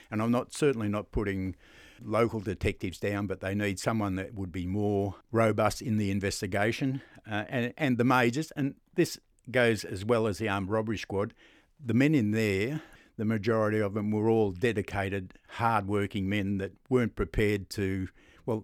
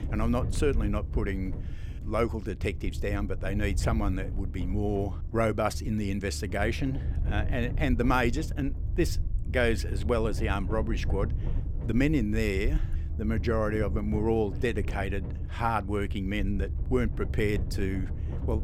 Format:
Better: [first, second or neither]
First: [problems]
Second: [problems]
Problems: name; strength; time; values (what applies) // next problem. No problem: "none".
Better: first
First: none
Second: low rumble; noticeable; throughout; 15 dB below the speech